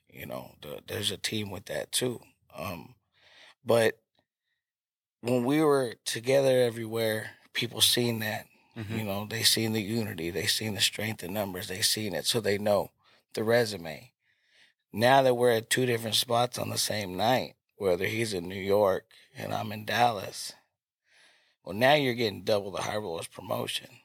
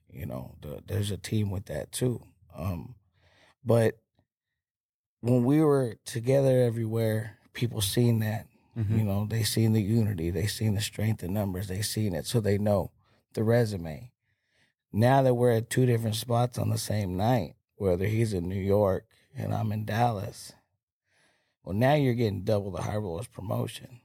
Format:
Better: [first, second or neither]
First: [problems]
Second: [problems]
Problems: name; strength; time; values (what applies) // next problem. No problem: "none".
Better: second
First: thin; somewhat; fading below 600 Hz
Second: none